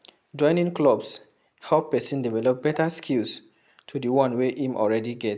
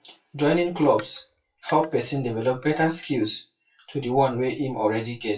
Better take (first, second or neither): first